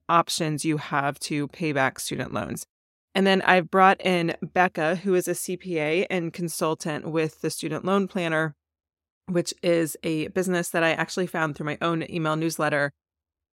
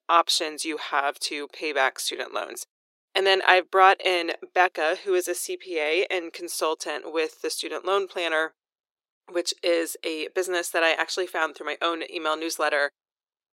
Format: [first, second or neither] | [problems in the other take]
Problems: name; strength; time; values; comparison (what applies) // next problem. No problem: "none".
first | thin; very; fading below 350 Hz